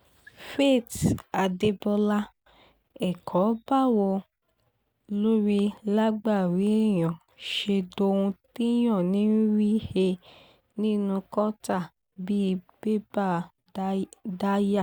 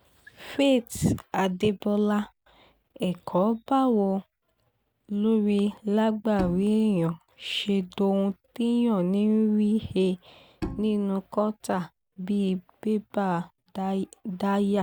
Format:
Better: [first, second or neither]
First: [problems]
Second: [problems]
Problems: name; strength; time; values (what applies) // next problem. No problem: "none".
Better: first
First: none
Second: background sound (Bowed string instrument); 12 dB below the speech